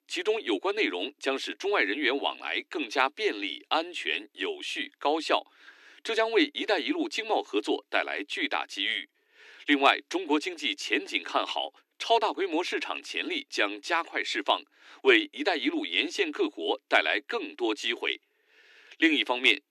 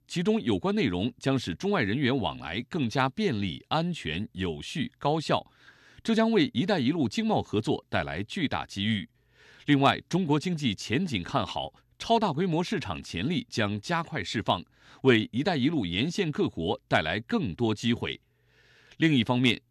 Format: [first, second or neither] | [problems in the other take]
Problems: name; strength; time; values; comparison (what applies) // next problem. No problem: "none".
second | thin; somewhat; fading below 300 Hz